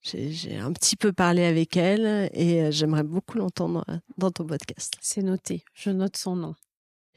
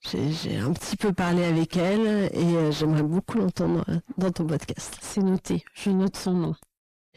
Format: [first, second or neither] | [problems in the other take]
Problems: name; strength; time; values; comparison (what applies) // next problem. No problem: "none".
first | distortion; heavy; 6 dB below the speech